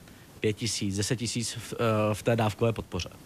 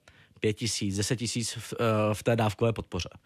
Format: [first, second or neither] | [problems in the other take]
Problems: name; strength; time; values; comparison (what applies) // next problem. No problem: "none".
second | hiss; faint; throughout; 25 dB below the speech